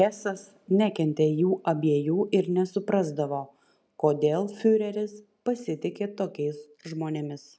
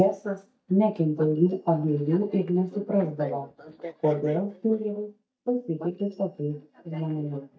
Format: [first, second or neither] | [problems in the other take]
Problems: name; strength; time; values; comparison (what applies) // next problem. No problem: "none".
first | noise reduction (neural mask model DeepFilterNet 3)